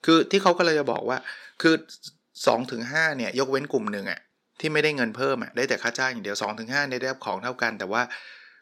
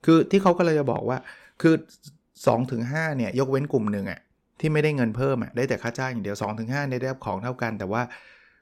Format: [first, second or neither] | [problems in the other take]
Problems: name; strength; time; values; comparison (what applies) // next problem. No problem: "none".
second | thin; somewhat; fading below 250 Hz